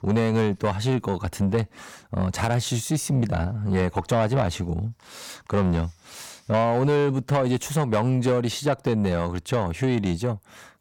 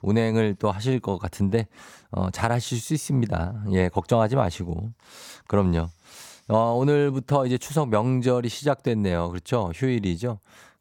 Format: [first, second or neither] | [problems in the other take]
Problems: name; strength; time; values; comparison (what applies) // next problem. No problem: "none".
second | distortion; slight; 10 dB below the speech